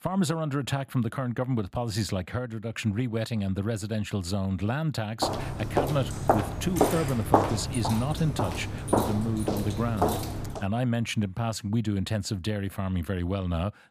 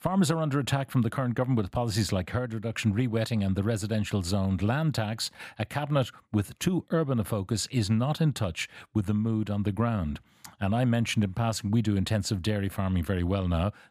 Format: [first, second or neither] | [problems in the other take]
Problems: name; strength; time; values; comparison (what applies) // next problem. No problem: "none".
second | footsteps; loud; from 5 to 11 s; peak 5 dB above the speech